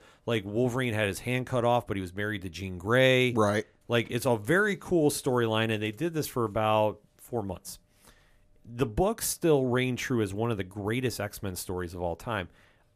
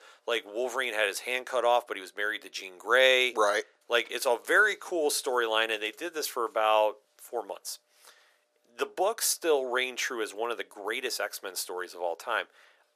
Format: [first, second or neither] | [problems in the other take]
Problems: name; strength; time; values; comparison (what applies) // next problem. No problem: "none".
first | thin; very; fading below 450 Hz